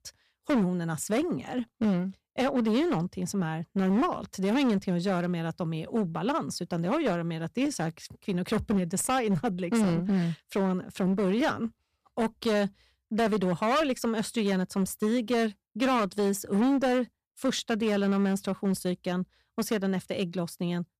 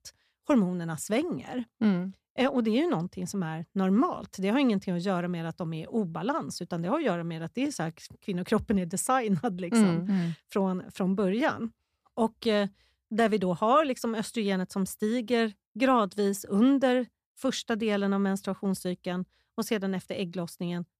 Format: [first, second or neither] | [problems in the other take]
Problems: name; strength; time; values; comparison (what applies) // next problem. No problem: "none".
second | distortion; slight; 13% of the sound clipped